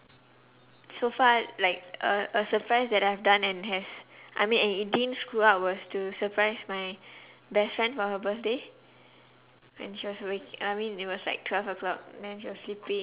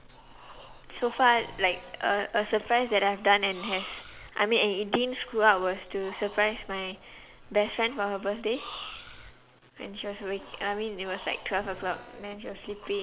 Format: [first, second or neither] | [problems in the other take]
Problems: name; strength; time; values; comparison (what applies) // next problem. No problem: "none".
first | background sound (Breathing + Drill); 17 dB below the speech